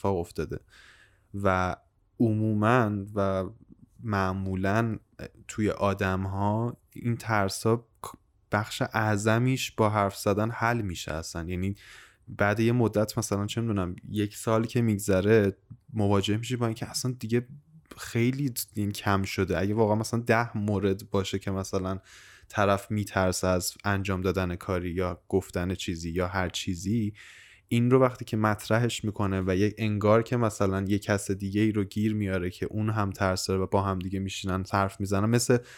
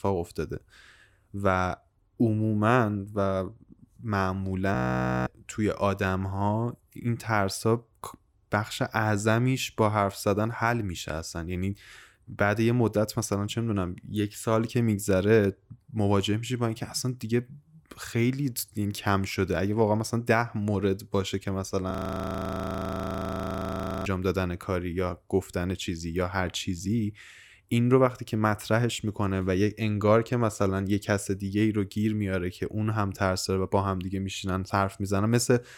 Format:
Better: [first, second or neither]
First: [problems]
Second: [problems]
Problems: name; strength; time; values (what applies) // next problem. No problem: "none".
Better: first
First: none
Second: audio freezing; at 5 s for 0.5 s and at 22 s for 2 s